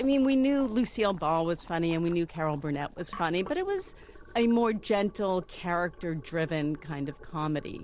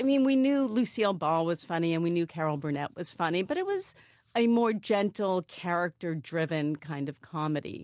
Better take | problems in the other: second | background sound (Boiling); 19 dB below the speech

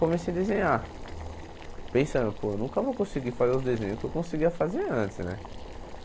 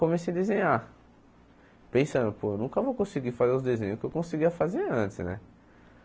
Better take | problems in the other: second | background sound (Boiling); 10 dB below the speech

